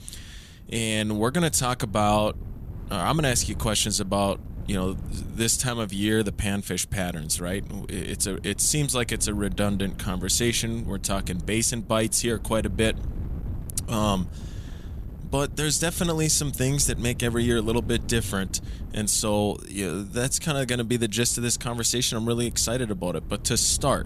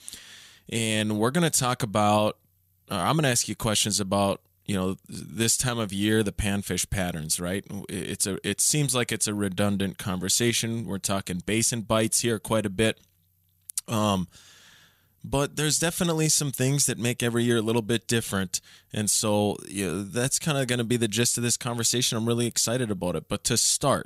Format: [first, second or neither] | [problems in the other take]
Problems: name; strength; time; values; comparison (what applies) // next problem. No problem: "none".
second | wind noise on the microphone; occasional gusts; 25 dB below the speech